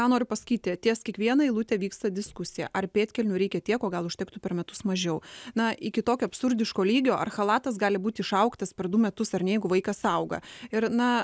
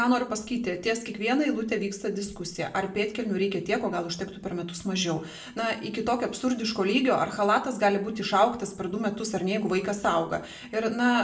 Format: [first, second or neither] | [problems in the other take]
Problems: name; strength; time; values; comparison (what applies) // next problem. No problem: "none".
first | room echo; dies away in 0.4 s